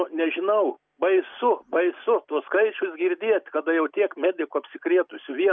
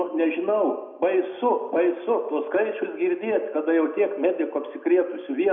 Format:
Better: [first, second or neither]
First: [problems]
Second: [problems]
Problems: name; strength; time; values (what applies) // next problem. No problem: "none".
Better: first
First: none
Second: room echo; dies away in 0.8 s